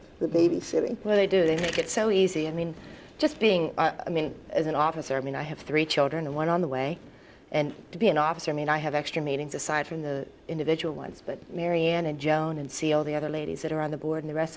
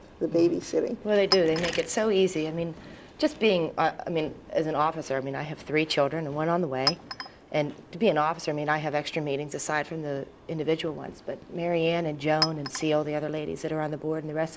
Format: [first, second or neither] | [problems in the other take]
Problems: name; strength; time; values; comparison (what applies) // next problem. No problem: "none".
first | background sound (Chink, clink); 13 dB below the speech